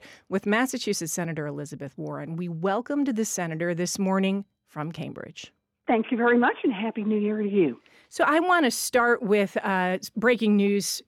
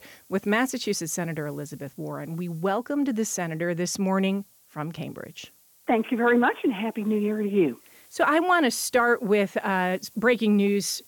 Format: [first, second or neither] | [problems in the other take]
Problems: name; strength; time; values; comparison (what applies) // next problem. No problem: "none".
first | hiss; faint; throughout; 30 dB below the speech